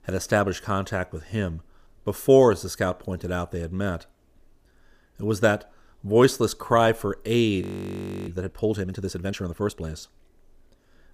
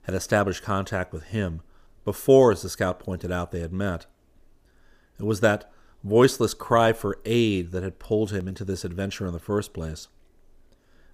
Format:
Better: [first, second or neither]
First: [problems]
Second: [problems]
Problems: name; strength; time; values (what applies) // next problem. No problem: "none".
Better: second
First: audio freezing; at 7.5 s for 0.5 s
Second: none